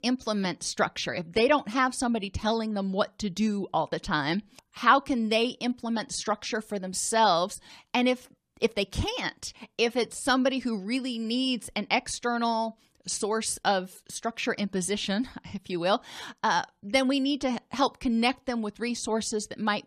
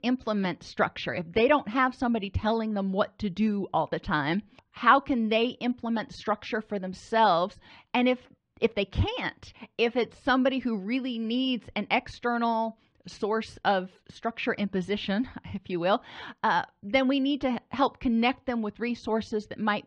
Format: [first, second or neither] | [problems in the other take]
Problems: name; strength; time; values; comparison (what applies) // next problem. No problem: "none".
first | muffled; slightly; fading above 3 kHz